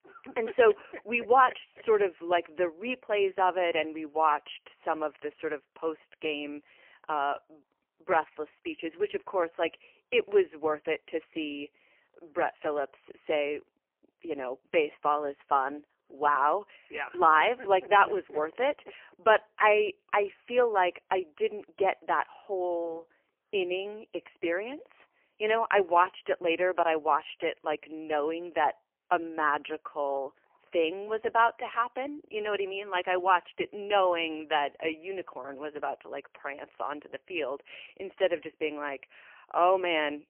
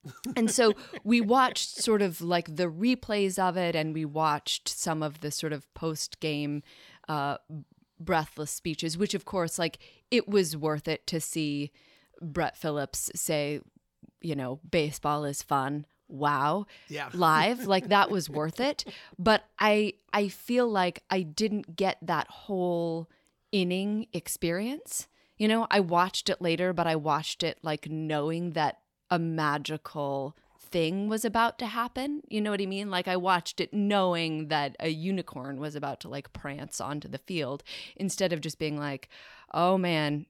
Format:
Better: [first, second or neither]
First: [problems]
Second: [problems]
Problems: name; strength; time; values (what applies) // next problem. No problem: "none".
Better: second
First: phone-call audio; poor line; nothing above 3 kHz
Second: none